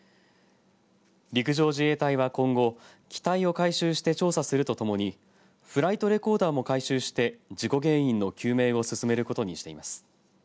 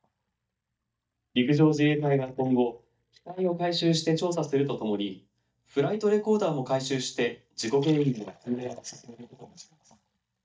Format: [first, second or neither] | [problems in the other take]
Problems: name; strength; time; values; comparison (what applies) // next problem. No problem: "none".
first | noise reduction (neural mask model DeepFilterNet 3)